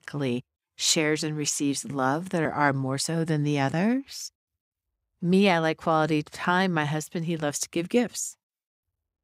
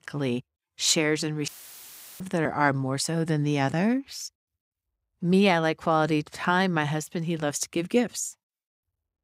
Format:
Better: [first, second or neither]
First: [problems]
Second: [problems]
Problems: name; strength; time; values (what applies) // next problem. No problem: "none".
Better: first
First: none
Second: audio cutting out; filled with static; at 1.5 s for 0.5 s